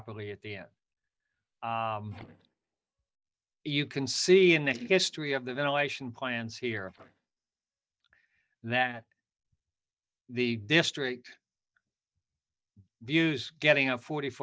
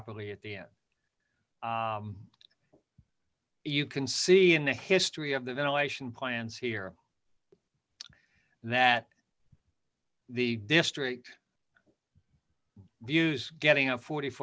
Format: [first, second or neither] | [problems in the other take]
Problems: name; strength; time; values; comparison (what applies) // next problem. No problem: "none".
second | noise reduction (neural mask model DeepFilterNet 3)